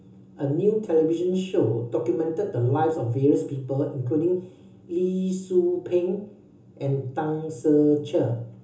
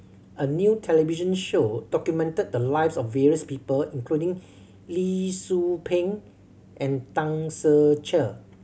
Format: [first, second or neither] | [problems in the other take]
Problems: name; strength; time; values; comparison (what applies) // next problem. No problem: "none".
second | room echo; dies away in 0.6 s